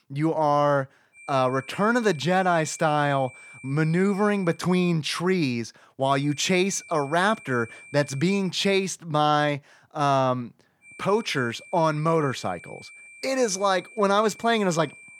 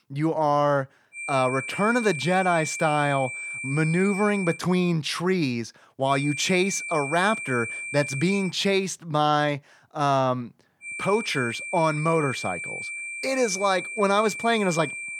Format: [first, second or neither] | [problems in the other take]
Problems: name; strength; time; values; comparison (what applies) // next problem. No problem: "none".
first | high-pitched whine; loud; from 1 to 4.5 s, from 6 to 8.5 s and from 11 s on; 2.5 kHz, 7 dB below the speech; faint in the first